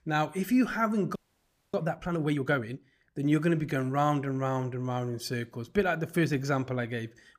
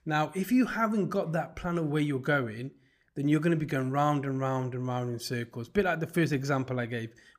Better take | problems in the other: second | audio freezing; at 1 s for 0.5 s

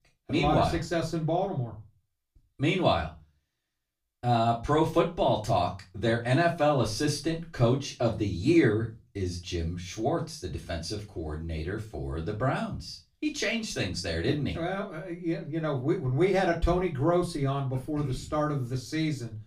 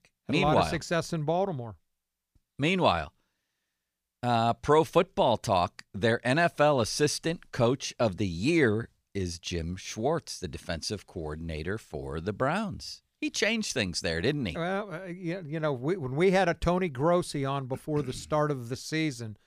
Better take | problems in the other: second | off-mic speech; far // room echo; very slight; dies away in 0.3 s

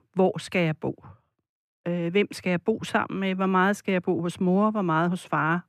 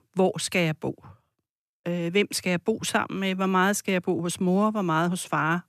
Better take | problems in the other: second | muffled; slightly; fading above 3.5 kHz

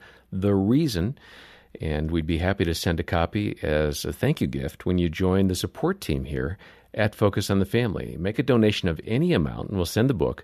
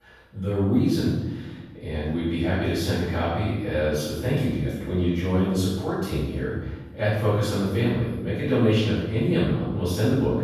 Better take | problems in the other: first | off-mic speech; far // room echo; strong; dies away in 0.9 s

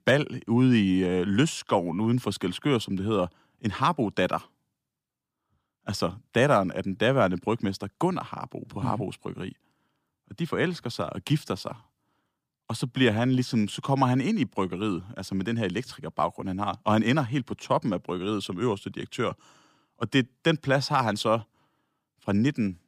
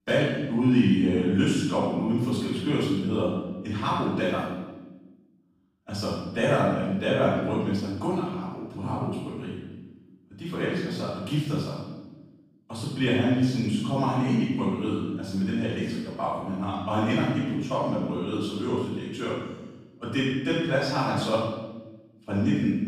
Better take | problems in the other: first | off-mic speech; far // room echo; strong; dies away in 1 s

